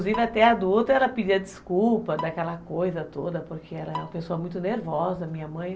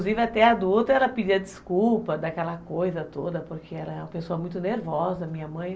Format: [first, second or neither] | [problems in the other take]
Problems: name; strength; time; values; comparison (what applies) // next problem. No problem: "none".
second | background sound (Bowed string instrument); 18 dB below the speech